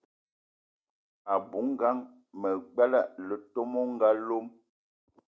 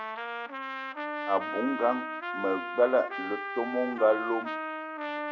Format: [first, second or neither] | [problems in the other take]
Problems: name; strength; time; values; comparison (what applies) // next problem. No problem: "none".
first | background sound (Trumpet); 5 dB below the speech